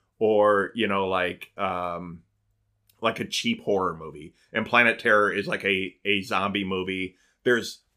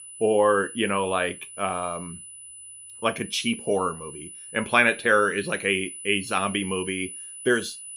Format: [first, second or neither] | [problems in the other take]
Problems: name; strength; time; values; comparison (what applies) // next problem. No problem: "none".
first | high-pitched whine; noticeable; throughout; 10 kHz, 15 dB below the speech